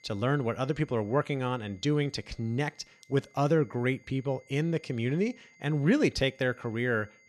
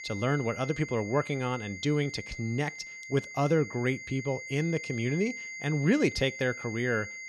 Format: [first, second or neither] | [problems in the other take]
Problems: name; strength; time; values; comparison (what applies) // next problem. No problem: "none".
first | high-pitched whine; loud; throughout; 2 kHz, 10 dB below the speech; faint in the first